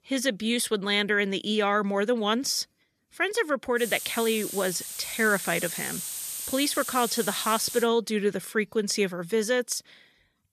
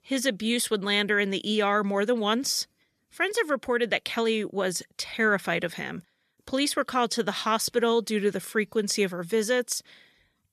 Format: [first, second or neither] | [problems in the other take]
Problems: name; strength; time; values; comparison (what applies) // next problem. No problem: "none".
second | hiss; loud; from 4 to 8 s; 6 dB below the speech